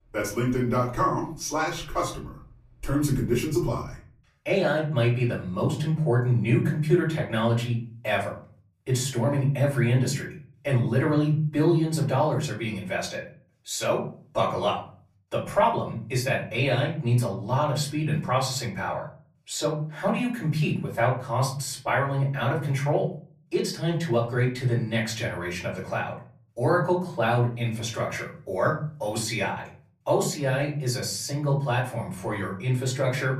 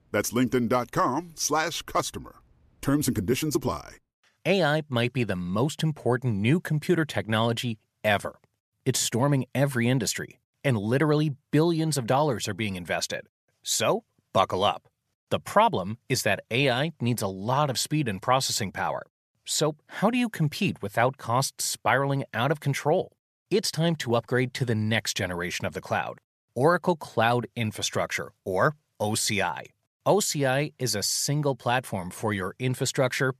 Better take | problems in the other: second | room echo; slight; dies away in 0.6 s // off-mic speech; far

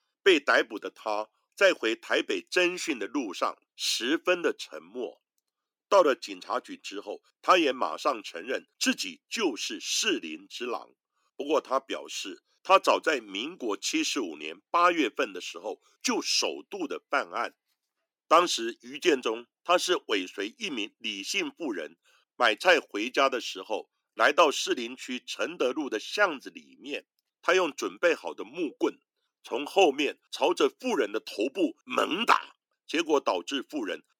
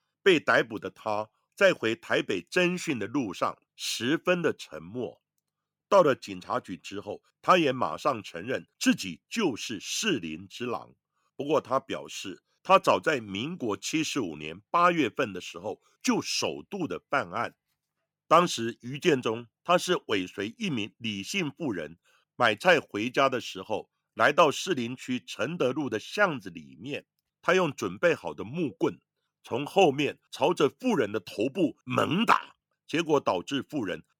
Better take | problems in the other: second | thin; very slightly; fading below 300 Hz

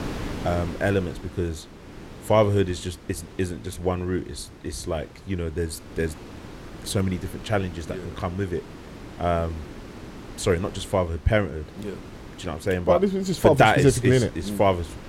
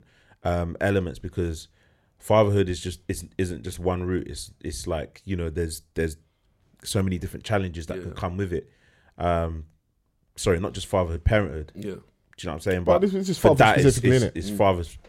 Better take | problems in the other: second | wind noise on the microphone; occasional gusts; 20 dB below the speech

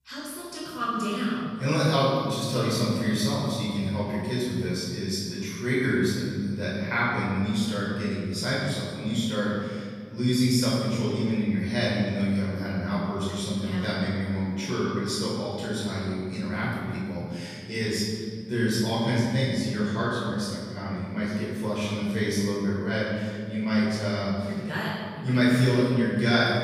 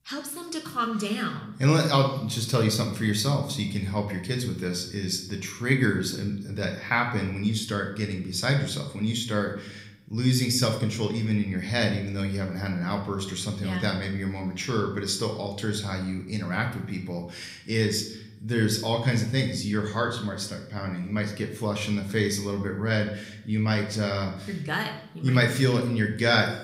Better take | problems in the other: second | room echo; strong; dies away in 2 s; slight in the second // off-mic speech; far

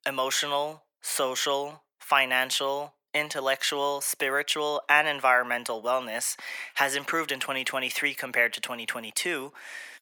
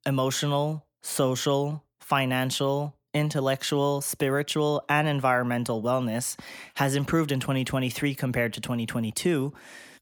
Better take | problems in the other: second | thin; very; fading below 600 Hz

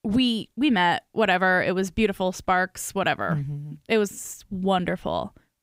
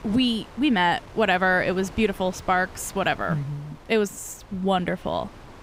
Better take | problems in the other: first | wind noise on the microphone; occasional gusts; 20 dB below the speech

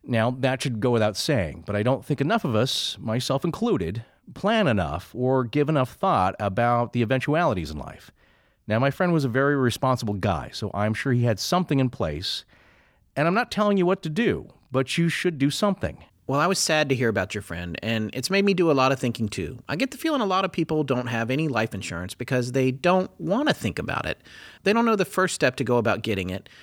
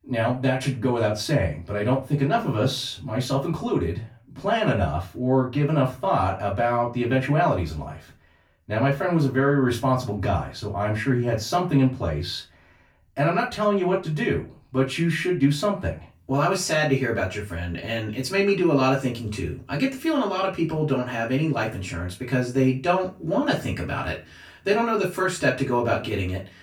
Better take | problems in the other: first | off-mic speech; far // room echo; very slight; dies away in 0.3 s

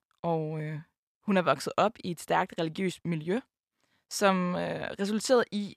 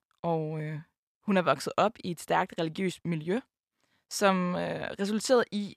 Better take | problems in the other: neither | none

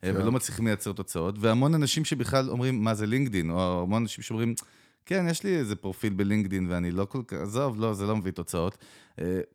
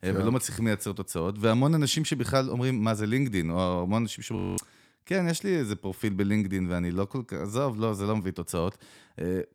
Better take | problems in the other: first | audio freezing; at 4.5 s

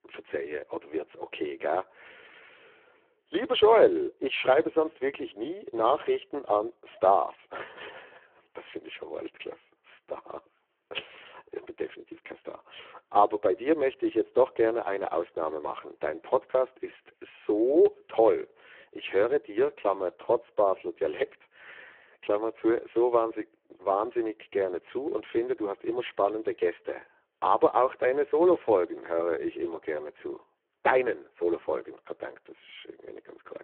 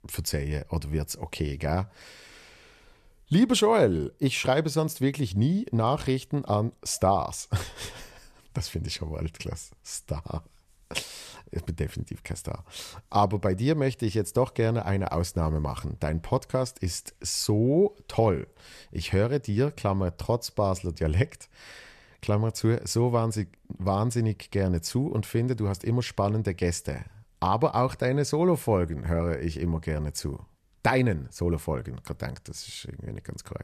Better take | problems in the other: second | phone-call audio; poor line

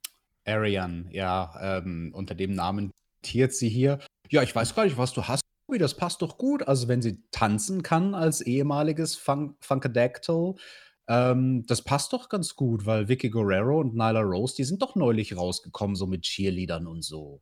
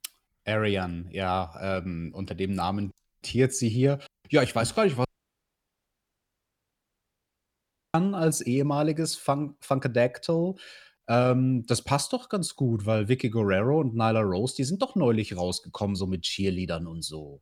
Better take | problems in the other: first | audio cutting out; at 5 s for 3 s

